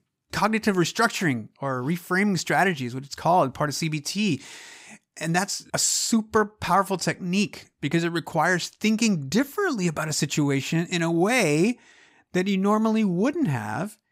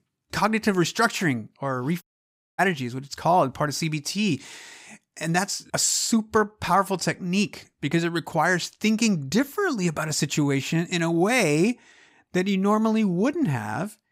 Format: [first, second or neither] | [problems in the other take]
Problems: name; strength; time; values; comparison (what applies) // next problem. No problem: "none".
first | audio cutting out; at 2 s for 0.5 s